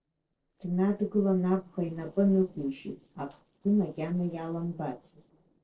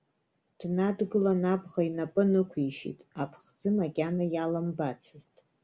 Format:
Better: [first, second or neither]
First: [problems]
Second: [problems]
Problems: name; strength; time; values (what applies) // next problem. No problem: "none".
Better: second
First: noise reduction (neural separator model SepFormer DNS4)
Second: none